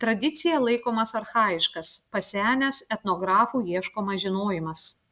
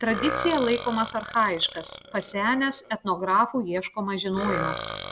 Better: first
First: none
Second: background sound (Burping, eructation); 9 dB below the speech

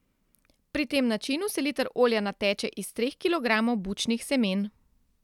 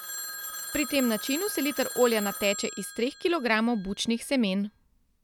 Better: first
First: none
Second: background sound (Telephone); 11 dB below the speech

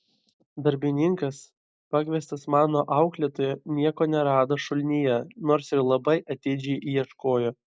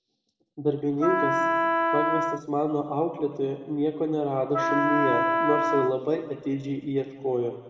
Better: first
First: none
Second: background sound (Wind instrument, woodwind instrument); 2 dB above the speech // room echo; dies away in 1.6 s

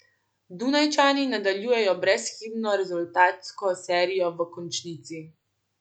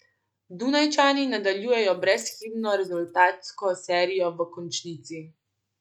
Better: first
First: none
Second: noise reduction (neural mask model RNNoise)

